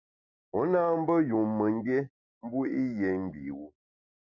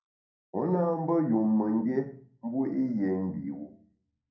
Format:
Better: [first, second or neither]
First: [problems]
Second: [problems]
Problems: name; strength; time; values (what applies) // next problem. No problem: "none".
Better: first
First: none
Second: room echo; dies away in 0.6 s